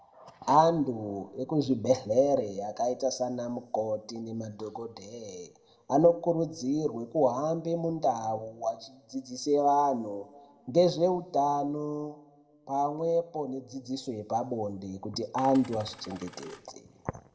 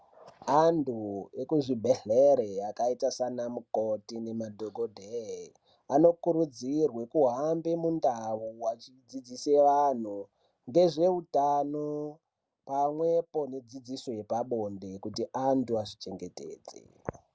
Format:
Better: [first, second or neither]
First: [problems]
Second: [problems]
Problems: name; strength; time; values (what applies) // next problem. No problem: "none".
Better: second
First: background sound (Coin (dropping)); 19 dB below the speech // room echo; dies away in 1.5 s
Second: none